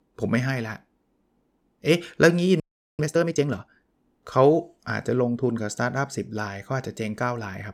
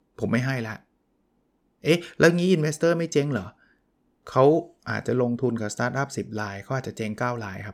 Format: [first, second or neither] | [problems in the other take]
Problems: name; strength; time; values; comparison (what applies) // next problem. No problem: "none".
second | audio freezing; at 2.5 s